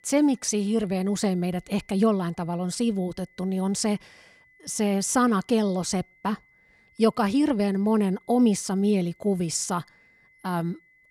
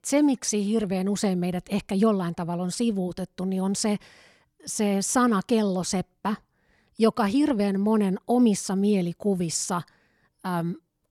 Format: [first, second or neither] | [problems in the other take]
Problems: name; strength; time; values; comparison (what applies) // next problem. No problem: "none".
second | high-pitched whine; faint; throughout; 2 kHz, 35 dB below the speech